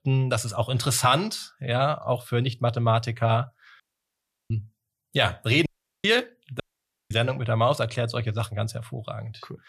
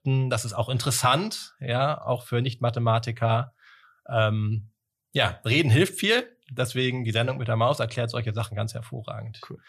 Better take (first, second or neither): second